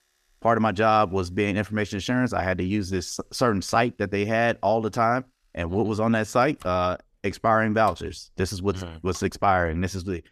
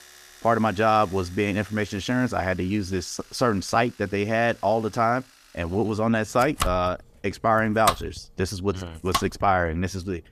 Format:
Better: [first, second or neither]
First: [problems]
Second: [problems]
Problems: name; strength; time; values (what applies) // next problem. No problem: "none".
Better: first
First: household noises; faint; throughout; 30 dB below the speech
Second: household noises; loud; throughout; 8 dB below the speech